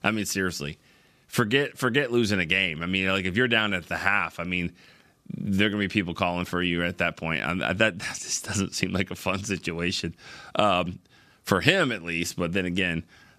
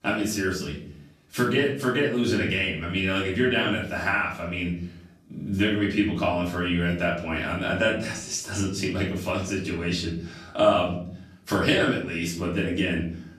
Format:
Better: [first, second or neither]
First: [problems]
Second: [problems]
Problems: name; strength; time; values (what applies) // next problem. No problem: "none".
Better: first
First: none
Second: room echo; noticeable; dies away in 0.6 s // off-mic speech; far